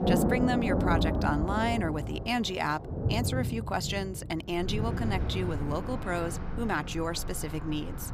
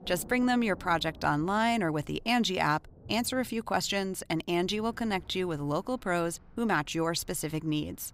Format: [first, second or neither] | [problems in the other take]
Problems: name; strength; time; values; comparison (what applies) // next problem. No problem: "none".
second | rain or running water; loud; throughout; 1 dB below the speech; faint in the second